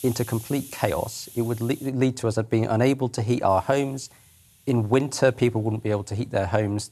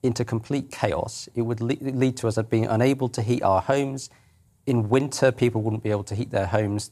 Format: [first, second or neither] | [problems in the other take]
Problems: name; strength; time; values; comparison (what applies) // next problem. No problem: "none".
second | hiss; noticeable; until 2 s and from 3.5 s on; 20 dB below the speech